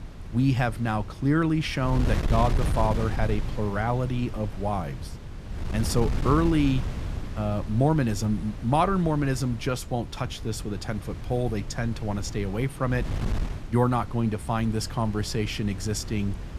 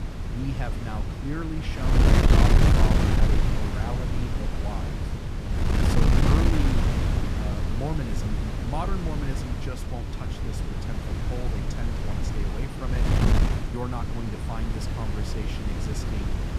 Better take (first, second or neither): first